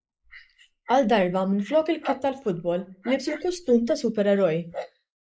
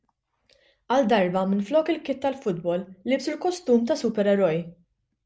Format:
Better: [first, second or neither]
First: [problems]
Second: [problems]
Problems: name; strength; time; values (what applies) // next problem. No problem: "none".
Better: second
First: noise reduction (neural mask model Resemble Enhance denoiser)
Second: none